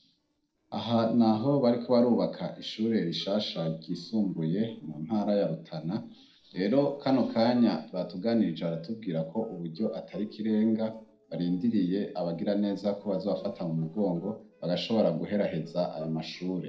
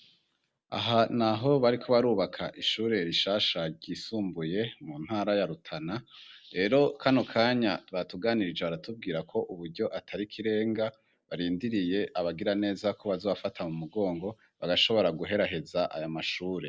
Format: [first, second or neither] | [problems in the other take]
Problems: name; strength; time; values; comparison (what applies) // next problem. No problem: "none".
second | noise reduction (neural separator model SepFormer DNS4)